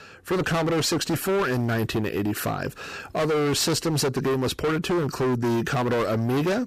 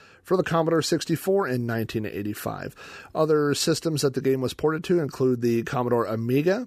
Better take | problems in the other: second | distortion; heavy; 30% of the sound clipped

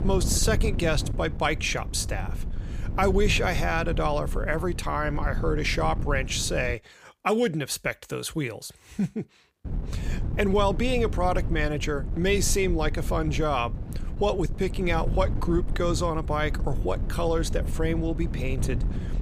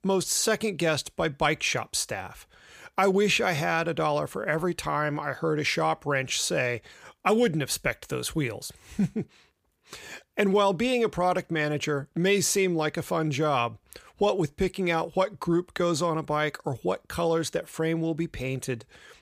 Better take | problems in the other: second | wind noise on the microphone; occasional gusts; until 6.5 s and from 9.5 s on; 15 dB below the speech

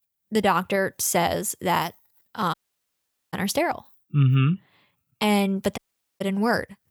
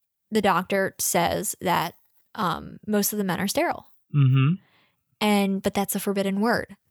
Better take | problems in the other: second | audio cutting out; at 2.5 s for 1 s and at 6 s

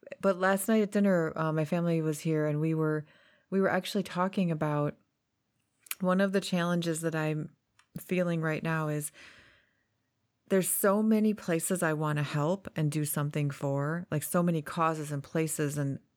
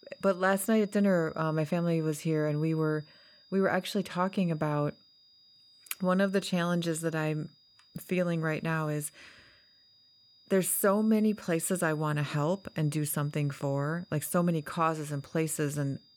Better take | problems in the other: first | high-pitched whine; faint; throughout; 5 kHz, 30 dB below the speech

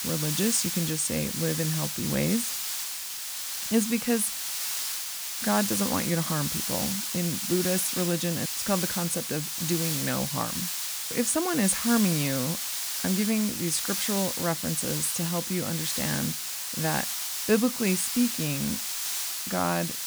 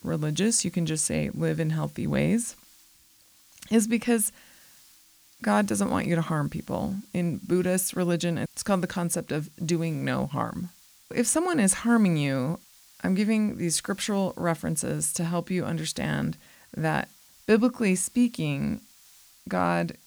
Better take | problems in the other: second | hiss; loud; throughout; 1 dB below the speech; faint in the second

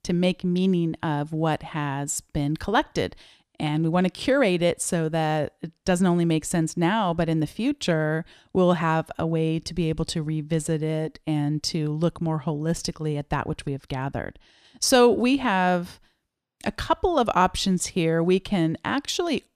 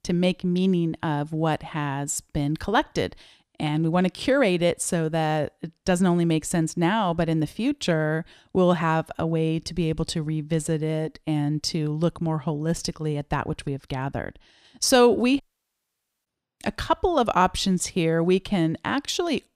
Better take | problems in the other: first | audio cutting out; at 15 s for 1 s

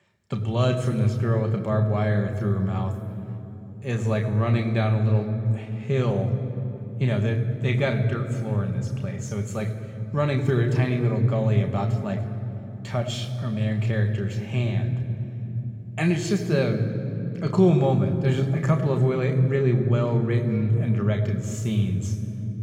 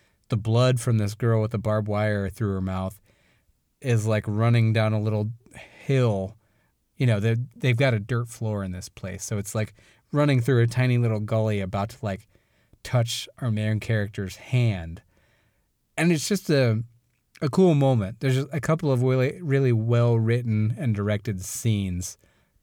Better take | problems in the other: second | room echo; noticeable; dies away in 3 s // off-mic speech; somewhat distant

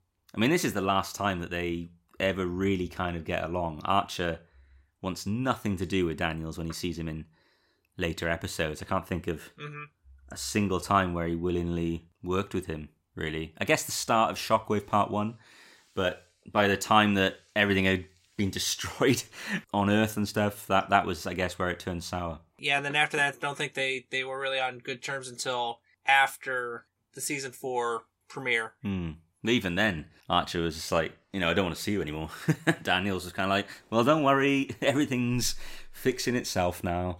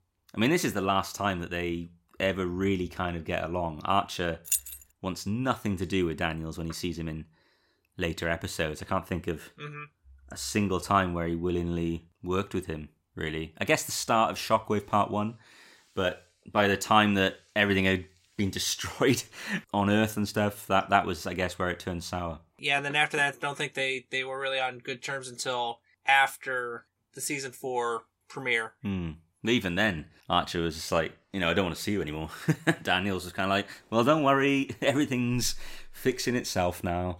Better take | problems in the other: first | jangling keys; loud; at 4.5 s; peak level with the speech

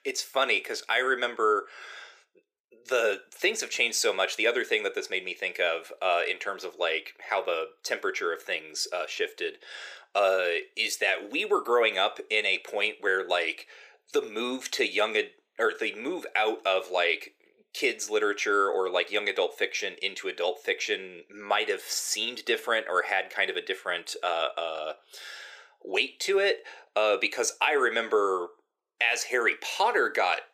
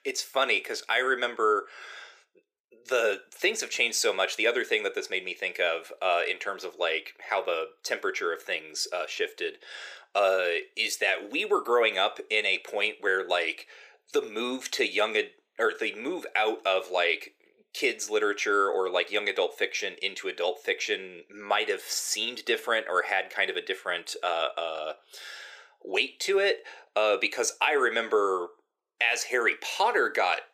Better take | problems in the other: neither | thin; very; fading below 350 Hz; the same in both

